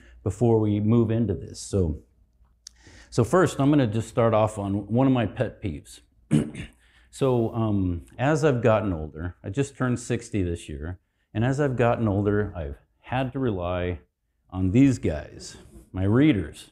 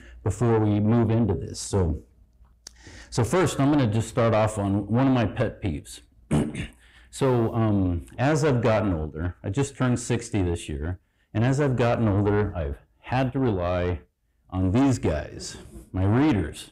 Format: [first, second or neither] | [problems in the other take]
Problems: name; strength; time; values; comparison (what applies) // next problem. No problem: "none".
first | distortion; heavy; 7 dB below the speech